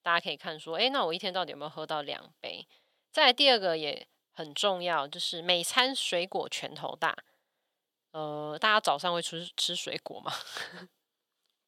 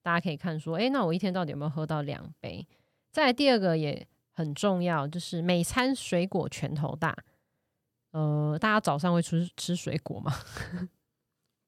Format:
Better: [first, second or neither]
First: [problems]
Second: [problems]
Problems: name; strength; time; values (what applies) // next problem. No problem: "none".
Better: second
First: thin; somewhat; fading below 500 Hz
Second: none